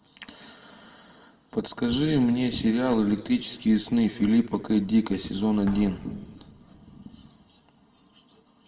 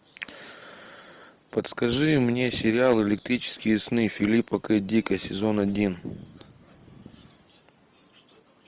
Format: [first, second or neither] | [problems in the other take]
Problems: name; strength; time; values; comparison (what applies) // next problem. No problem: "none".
second | background sound (Thump, thud); 19 dB below the speech // room echo; dies away in 1.2 s